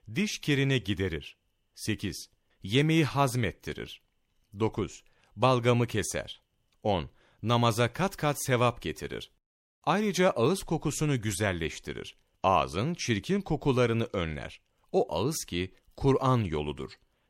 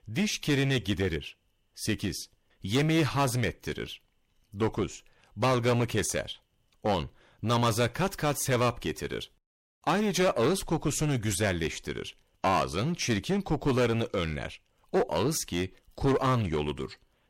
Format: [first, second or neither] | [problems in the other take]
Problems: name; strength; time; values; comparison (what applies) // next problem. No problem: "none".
first | distortion; heavy; 8% of the sound clipped